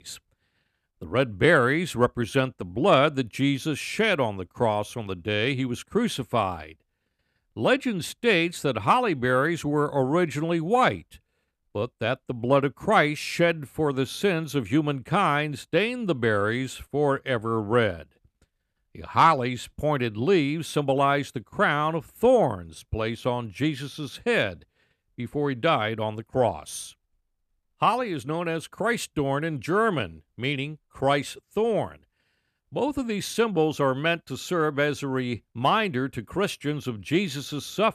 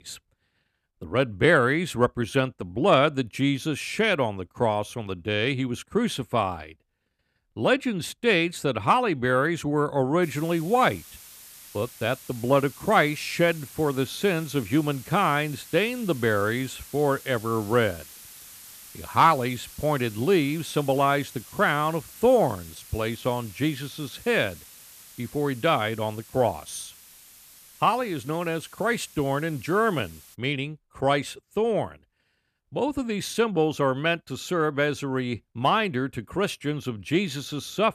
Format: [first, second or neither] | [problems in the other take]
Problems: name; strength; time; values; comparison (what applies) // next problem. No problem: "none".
first | hiss; noticeable; from 10 to 30 s; 20 dB below the speech